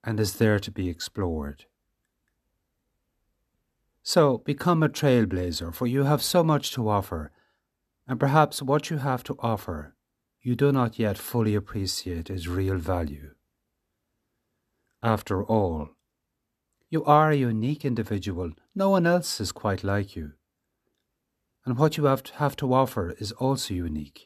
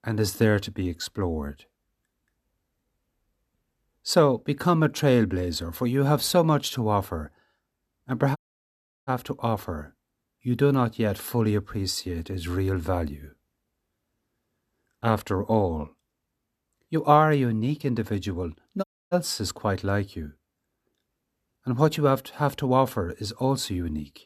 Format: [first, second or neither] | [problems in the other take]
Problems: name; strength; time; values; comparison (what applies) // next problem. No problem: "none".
first | audio cutting out; at 8.5 s for 0.5 s and at 19 s